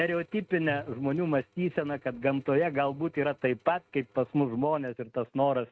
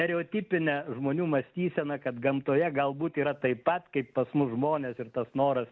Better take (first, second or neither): second